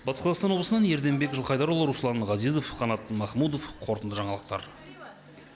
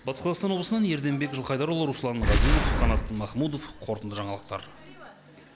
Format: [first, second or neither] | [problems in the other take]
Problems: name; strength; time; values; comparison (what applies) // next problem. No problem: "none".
first | background sound (Boom); 3 dB above the speech